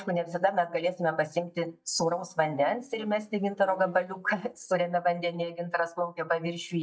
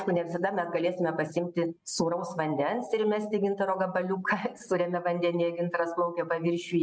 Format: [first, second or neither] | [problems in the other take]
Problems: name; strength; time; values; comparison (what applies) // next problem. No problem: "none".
second | noise reduction (neural mask model DeepFilterNet 3)